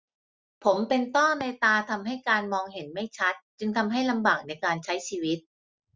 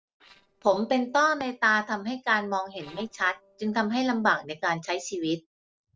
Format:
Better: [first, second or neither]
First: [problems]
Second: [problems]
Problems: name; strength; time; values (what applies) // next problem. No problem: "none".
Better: first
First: none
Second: noise reduction (neural separator model SepFormer DNS4)